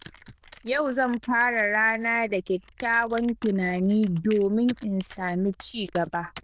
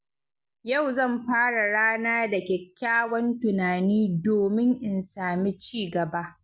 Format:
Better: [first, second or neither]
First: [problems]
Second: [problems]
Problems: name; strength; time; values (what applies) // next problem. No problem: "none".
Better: second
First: noise reduction (neural diffusion model UNIVERSE++)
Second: none